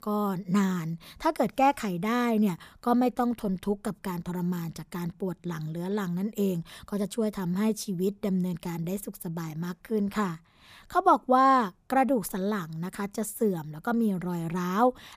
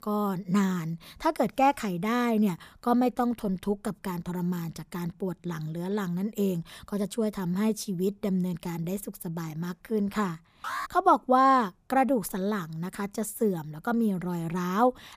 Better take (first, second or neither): first